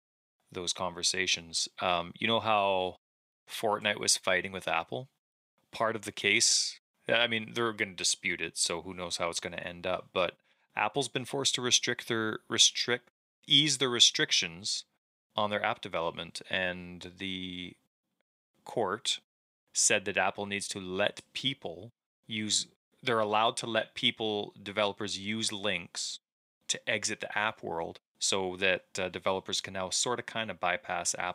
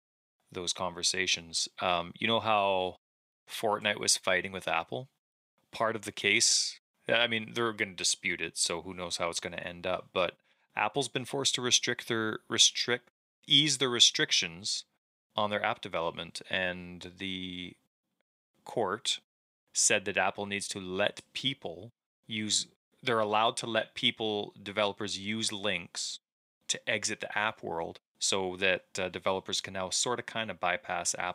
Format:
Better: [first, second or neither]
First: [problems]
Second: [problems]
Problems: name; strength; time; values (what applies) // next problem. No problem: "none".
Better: neither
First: thin; somewhat; fading below 1 kHz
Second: thin; somewhat; fading below 1 kHz